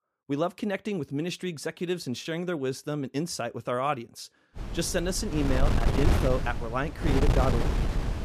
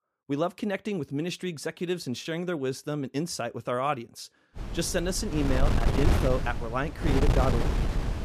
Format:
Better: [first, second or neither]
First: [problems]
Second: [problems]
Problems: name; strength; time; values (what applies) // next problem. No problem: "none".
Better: neither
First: wind noise on the microphone; heavy; from 4.5 s on; 3 dB below the speech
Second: wind noise on the microphone; heavy; from 4.5 s on; 3 dB below the speech